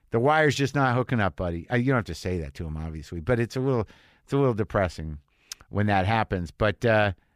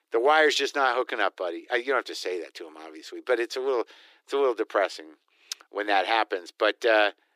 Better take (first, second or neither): first